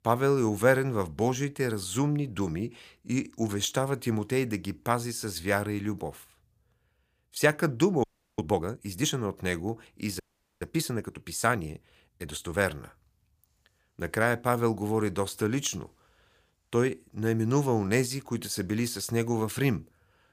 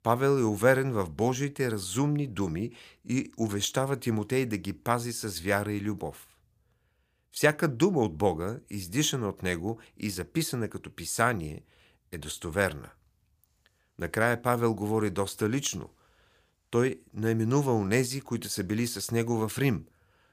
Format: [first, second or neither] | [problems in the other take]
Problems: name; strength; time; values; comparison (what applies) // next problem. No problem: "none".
second | audio freezing; at 8 s and at 10 s